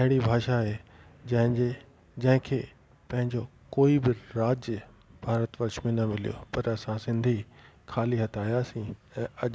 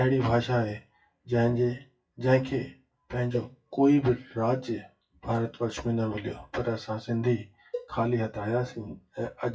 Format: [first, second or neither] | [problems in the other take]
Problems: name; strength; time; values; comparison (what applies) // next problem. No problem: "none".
first | noise reduction (classical method WPE with log-MMSE)